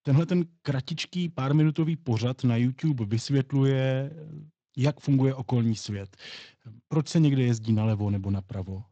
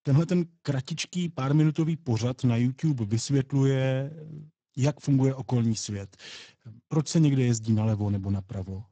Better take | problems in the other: first | garbled, watery; badly; nothing above 8 kHz; slightly in the first

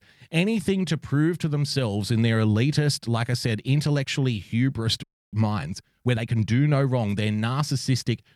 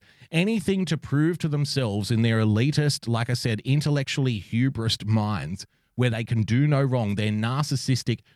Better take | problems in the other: second | audio freezing; at 5 s

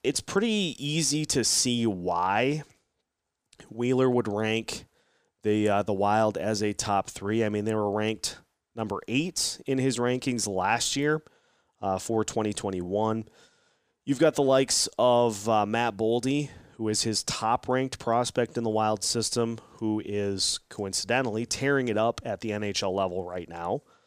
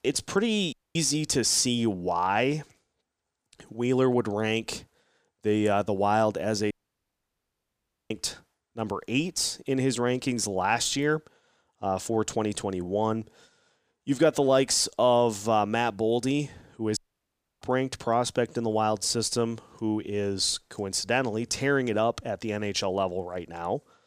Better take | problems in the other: first | audio cutting out; at 0.5 s, at 6.5 s for 1.5 s and at 17 s for 0.5 s

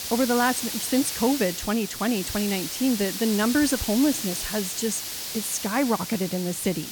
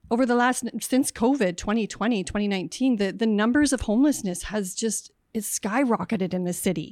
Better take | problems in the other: second | hiss; loud; throughout; 5 dB below the speech

